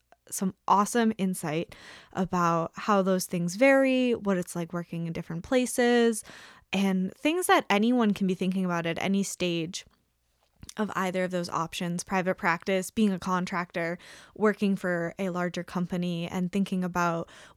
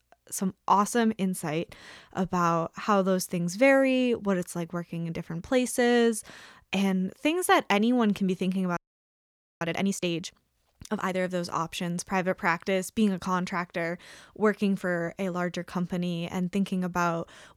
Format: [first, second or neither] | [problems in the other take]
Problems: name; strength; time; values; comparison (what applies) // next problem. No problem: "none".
first | audio freezing; at 9 s for 1 s